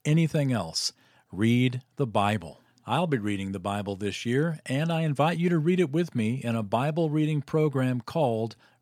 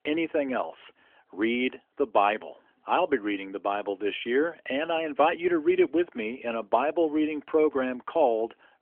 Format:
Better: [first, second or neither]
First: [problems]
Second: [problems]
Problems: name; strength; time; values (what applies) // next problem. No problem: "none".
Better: first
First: none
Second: phone-call audio; nothing above 3 kHz